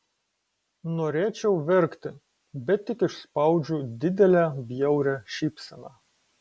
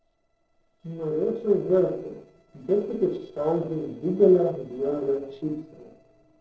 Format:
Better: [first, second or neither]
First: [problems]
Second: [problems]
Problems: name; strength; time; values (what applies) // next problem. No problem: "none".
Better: first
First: none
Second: noise reduction (neural separator model SepFormer DNS4)